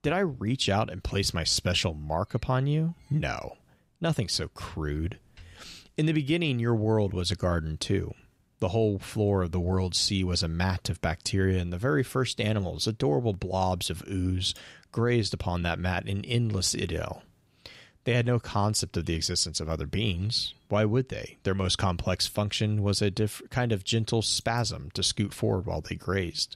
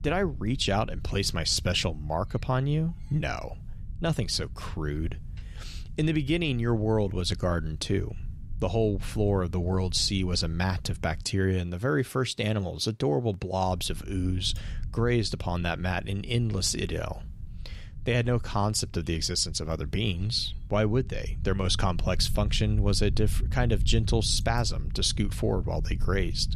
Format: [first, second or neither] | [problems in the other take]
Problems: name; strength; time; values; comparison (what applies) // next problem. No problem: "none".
first | low rumble; faint; until 11 s and from 14 s on; 25 dB below the speech